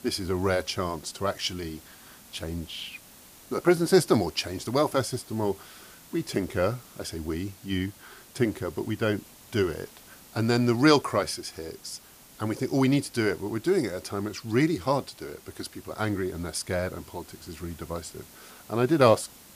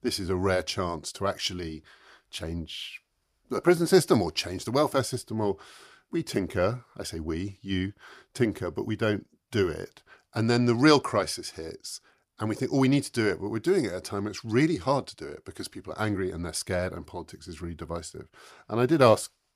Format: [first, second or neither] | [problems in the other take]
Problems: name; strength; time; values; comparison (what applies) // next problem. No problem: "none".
second | hiss; faint; throughout; 20 dB below the speech